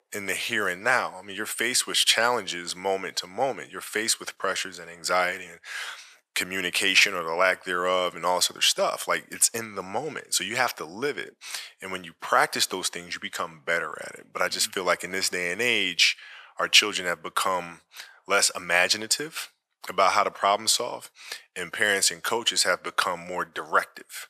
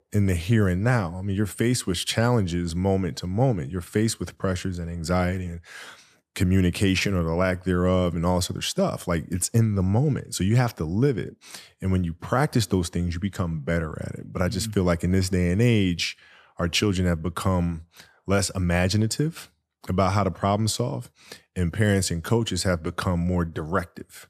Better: second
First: thin; very; fading below 750 Hz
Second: none

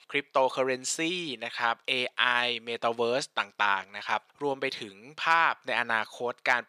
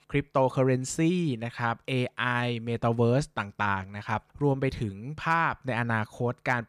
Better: second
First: thin; very; fading below 500 Hz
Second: none

